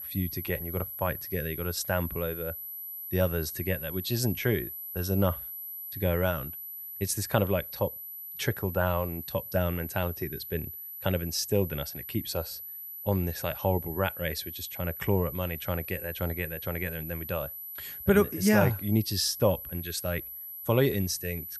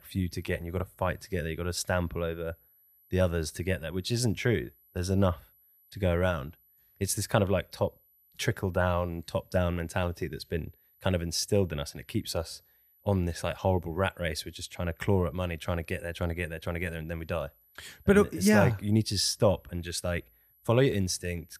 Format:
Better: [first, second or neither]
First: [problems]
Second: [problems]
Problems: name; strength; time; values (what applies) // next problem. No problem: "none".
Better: second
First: high-pitched whine; loud; throughout; 12 kHz, 7 dB below the speech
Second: high-pitched whine; faint; throughout; 12 kHz, 30 dB below the speech